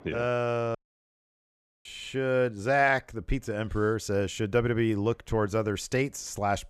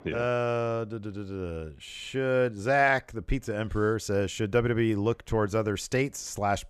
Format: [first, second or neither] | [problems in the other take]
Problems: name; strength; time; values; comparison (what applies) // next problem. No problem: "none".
second | audio cutting out; at 1 s for 1 s